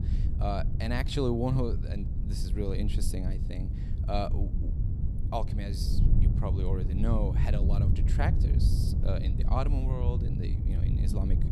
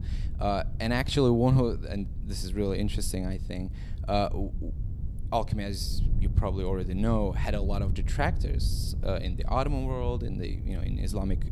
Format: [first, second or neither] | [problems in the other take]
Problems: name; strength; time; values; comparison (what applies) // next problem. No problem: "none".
second | wind noise on the microphone; heavy; 7 dB below the speech; occasional gusts in the second